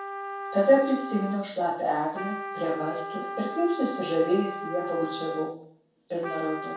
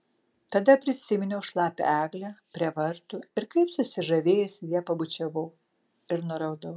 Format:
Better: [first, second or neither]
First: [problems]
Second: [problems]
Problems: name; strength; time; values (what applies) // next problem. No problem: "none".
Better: second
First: background sound (Trumpet); 8 dB below the speech // room echo; dies away in 0.6 s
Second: none